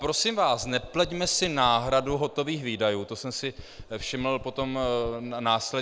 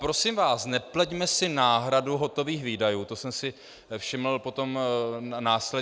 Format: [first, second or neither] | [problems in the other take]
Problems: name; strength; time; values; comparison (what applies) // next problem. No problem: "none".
second | background sound (Knock); 18 dB below the speech